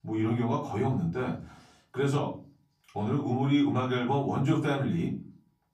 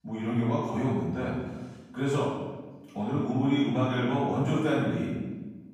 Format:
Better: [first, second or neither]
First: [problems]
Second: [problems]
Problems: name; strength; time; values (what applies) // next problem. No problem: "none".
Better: first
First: room echo; slight; dies away in 0.4 s // off-mic speech; far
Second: room echo; strong; dies away in 1.1 s // off-mic speech; far